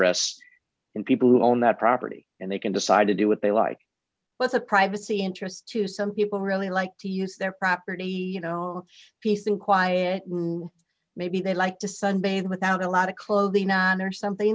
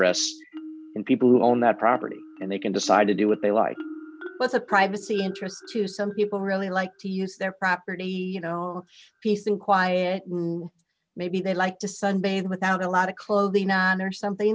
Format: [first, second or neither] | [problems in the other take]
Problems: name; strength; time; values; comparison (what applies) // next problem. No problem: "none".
first | background sound (Marimba, xylophone); 18 dB below the speech